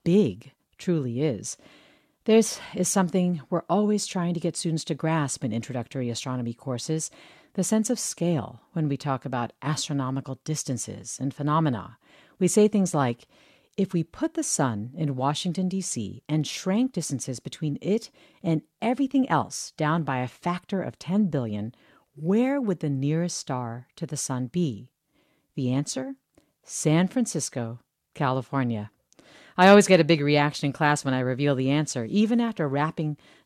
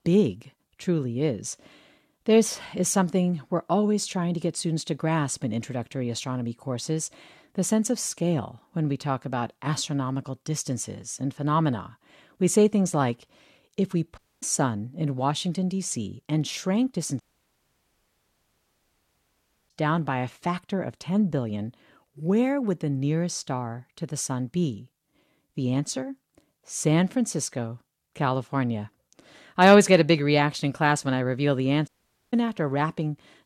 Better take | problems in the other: first | audio cutting out; at 14 s, at 17 s for 2.5 s and at 32 s

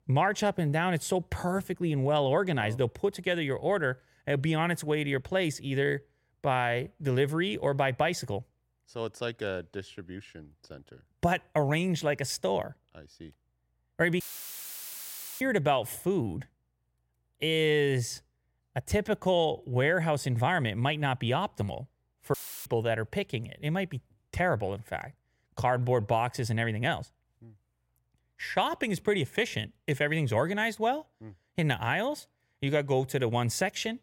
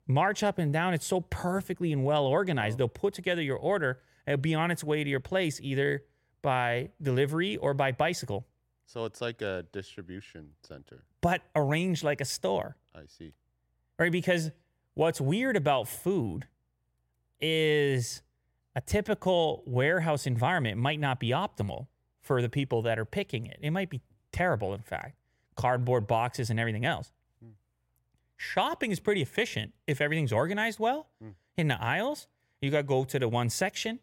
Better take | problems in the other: second | audio cutting out; filled with static; at 14 s for 1 s and at 22 s

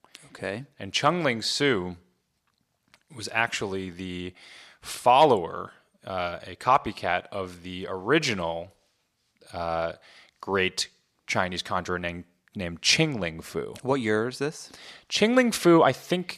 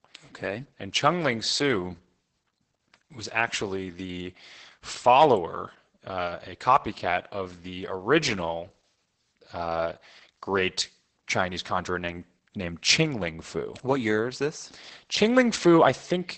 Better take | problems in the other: first | garbled, watery; badly; nothing above 8 kHz

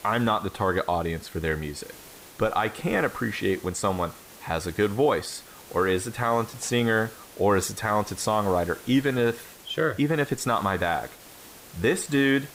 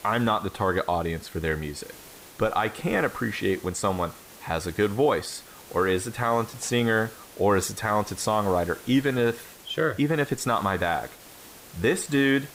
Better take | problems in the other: neither | hiss; noticeable; throughout; 20 dB below the speech; the same in both

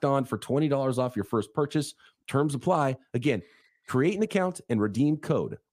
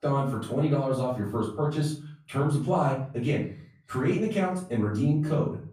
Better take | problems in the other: first | off-mic speech; far // room echo; noticeable; dies away in 0.4 s

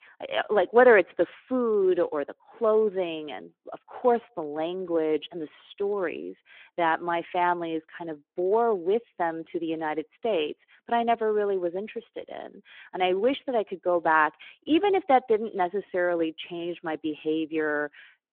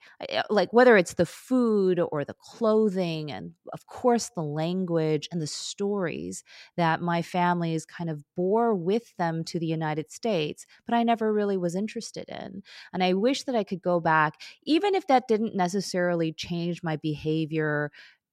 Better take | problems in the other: second | phone-call audio

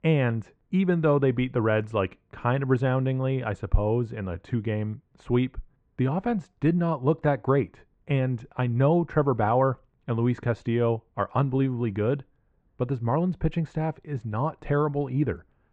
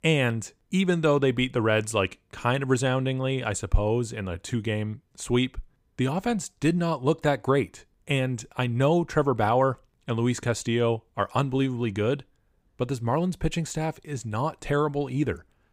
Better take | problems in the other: second | muffled; very; fading above 1.5 kHz

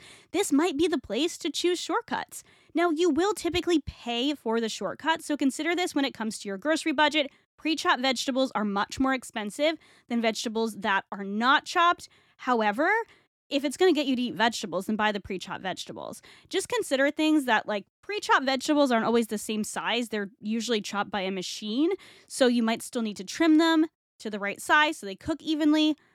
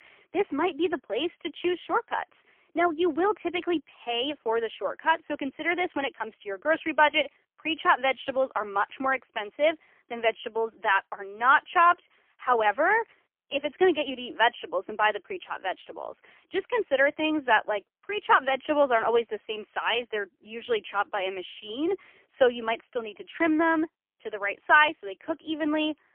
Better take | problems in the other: first | phone-call audio; poor line; nothing above 3.5 kHz

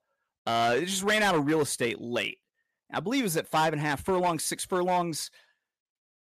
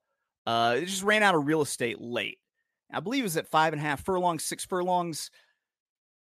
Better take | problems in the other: second | distortion; slight; 6% of the sound clipped

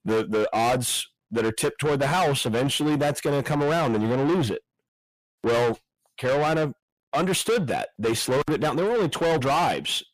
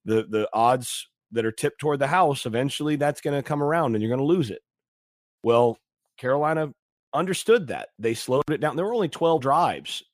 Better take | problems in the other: second | distortion; heavy; 6 dB below the speech

